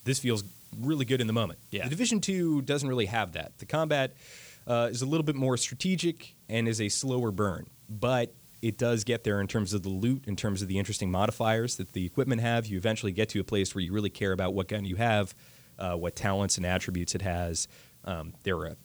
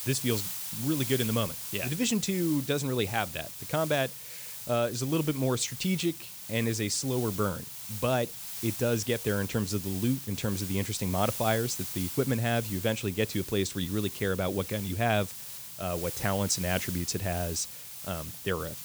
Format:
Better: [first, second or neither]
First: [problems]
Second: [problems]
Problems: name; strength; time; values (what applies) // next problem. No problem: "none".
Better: first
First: hiss; faint; throughout; 25 dB below the speech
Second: hiss; loud; throughout; 7 dB below the speech